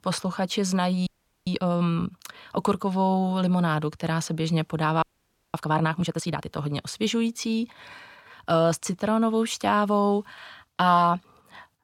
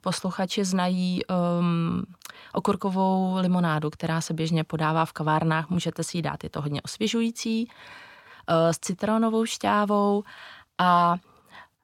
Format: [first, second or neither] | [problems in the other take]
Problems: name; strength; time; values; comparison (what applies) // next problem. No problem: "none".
second | audio freezing; at 1 s and at 5 s for 0.5 s